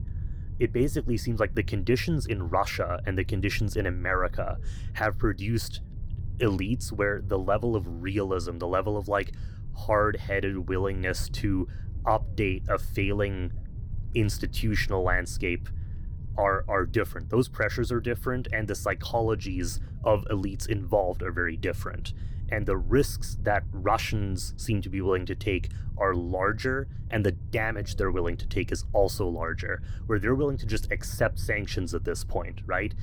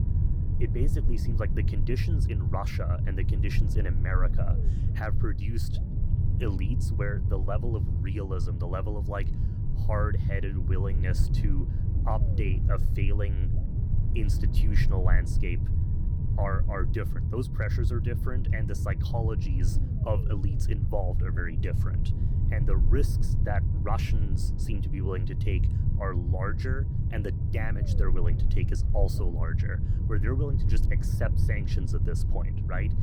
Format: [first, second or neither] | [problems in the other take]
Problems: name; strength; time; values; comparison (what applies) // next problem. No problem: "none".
first | low rumble; loud; throughout; 5 dB below the speech; faint in the first